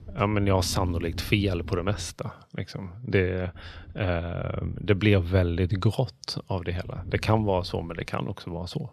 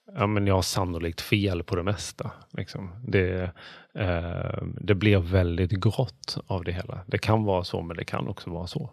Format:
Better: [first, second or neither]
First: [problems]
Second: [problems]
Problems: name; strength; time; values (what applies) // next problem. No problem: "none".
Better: second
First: low rumble; faint; until 2 s, from 3.5 to 6 s and from 6.5 to 8 s; 25 dB below the speech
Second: none